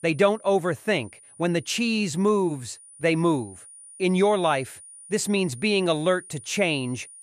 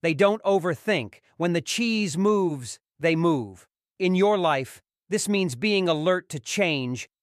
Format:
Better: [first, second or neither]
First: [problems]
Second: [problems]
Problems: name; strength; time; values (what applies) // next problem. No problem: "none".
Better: second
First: high-pitched whine; faint; throughout; 9.5 kHz, 20 dB below the speech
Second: none